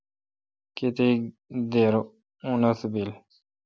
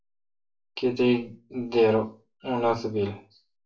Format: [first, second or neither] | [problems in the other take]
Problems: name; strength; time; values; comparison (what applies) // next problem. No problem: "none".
first | room echo; dies away in 0.3 s